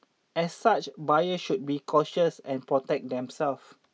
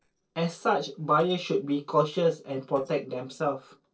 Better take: first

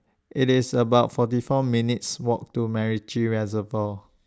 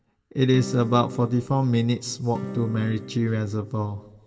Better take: first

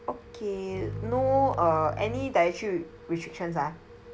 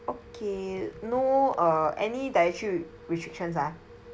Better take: second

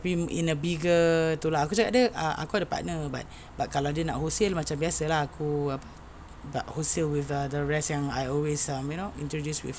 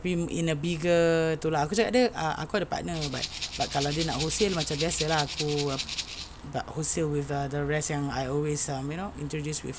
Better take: first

